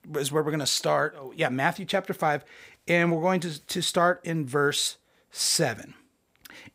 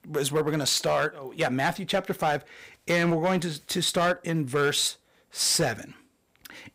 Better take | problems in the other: first | distortion; slight; 5% of the sound clipped

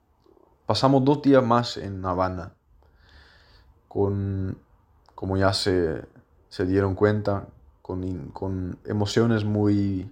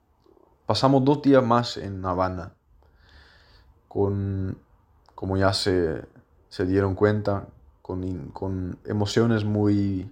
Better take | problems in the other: neither | none

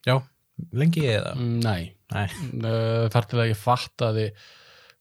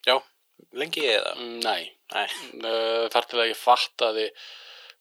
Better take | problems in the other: first | thin; very; fading below 350 Hz

